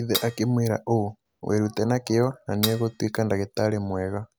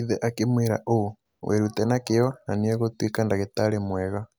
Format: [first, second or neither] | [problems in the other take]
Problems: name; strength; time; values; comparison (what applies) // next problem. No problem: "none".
second | background sound (Cutlery, silverware / Dishes, pots, and pans); 8 dB below the speech